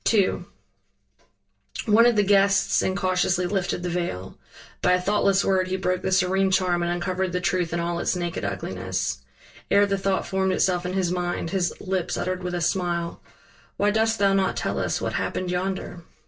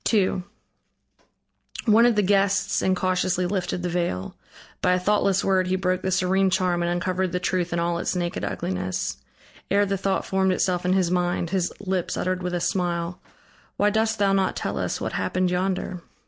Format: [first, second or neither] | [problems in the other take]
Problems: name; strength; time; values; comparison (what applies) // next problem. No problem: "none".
second | room echo; dies away in 0.1 s